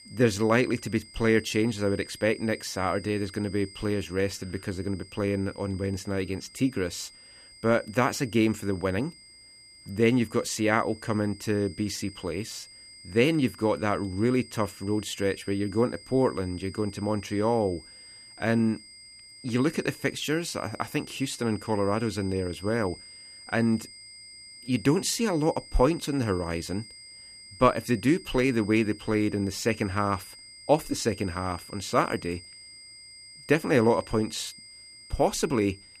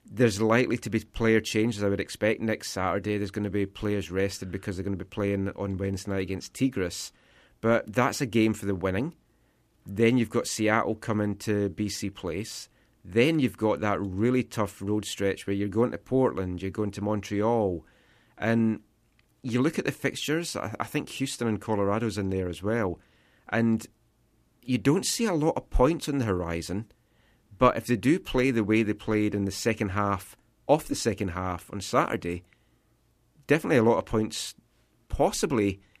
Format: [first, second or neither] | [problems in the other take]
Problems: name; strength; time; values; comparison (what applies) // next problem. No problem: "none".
second | high-pitched whine; noticeable; throughout; 5 kHz, 20 dB below the speech